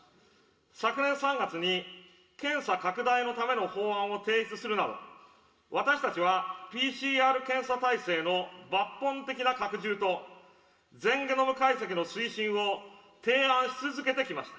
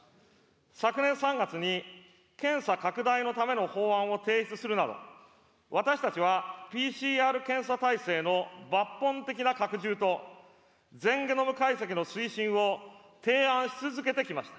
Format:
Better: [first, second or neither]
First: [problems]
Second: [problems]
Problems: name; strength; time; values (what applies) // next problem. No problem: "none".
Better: second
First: room echo; dies away in 0.2 s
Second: none